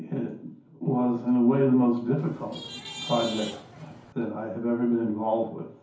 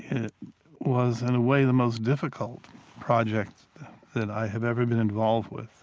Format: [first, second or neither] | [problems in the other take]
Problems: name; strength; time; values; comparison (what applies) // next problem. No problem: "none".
second | background sound (Traffic noise, roadway noise / Vehicle horn, car horn, honking); 13 dB below the speech // room echo; dies away in 0.6 s